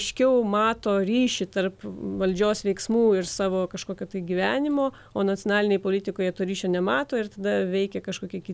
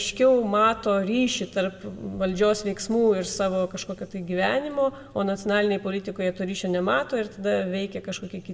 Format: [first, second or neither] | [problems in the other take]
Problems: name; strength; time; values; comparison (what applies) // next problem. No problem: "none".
first | room echo; dies away in 1.1 s